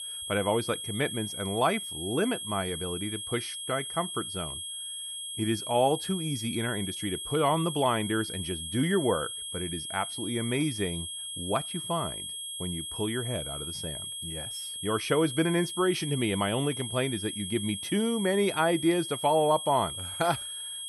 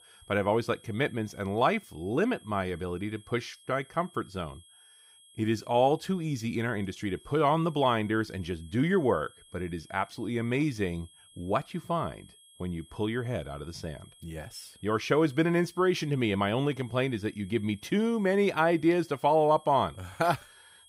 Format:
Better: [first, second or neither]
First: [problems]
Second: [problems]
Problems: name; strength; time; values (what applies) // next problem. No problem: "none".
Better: second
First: high-pitched whine; loud; throughout; 3.5 kHz, 5 dB below the speech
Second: high-pitched whine; faint; throughout; 3.5 kHz, 25 dB below the speech